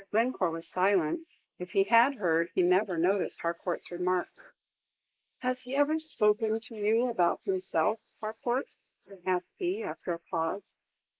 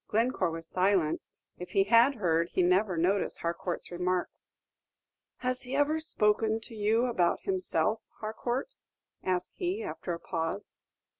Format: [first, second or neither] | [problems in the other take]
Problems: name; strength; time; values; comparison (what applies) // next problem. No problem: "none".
second | noise reduction (neural mask model Resemble Enhance denoiser)